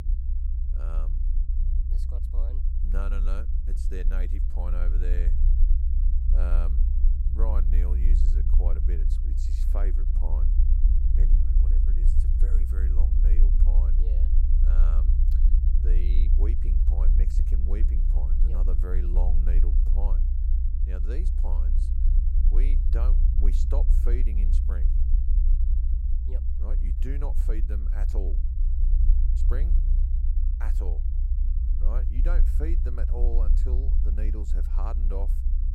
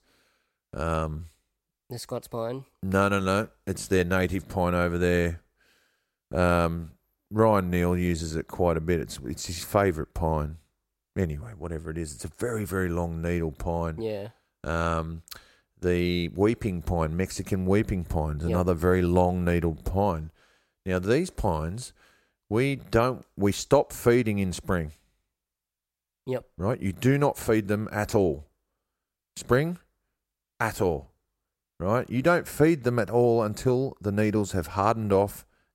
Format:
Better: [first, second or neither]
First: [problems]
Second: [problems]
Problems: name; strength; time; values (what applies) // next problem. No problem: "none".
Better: second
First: low rumble; loud; throughout; 3 dB below the speech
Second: none